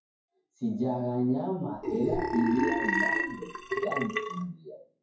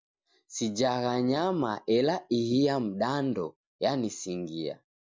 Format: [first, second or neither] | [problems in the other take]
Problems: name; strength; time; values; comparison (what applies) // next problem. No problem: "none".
second | noise reduction (classical method WPE with log-MMSE)